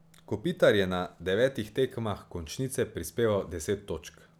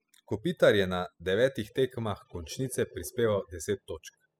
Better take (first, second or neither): first